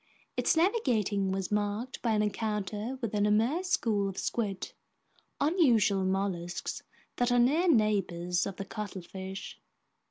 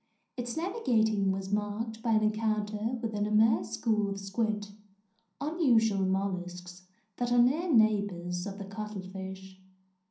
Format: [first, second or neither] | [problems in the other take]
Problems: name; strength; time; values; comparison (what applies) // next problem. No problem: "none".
first | room echo; dies away in 0.6 s